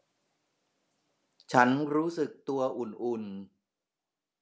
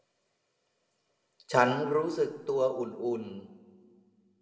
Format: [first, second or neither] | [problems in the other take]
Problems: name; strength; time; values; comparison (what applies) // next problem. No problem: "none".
first | room echo; dies away in 1.2 s